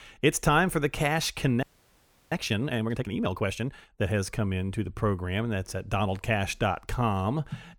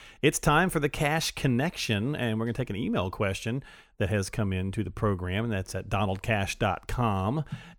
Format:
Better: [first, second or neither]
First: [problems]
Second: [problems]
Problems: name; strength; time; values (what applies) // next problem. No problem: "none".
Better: second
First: audio freezing; at 1.5 s for 0.5 s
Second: none